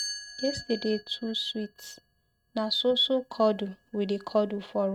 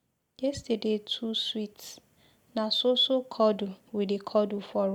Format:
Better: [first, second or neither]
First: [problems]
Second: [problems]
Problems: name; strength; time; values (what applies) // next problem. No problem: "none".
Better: second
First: noise reduction (neural mask model RNNoise)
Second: none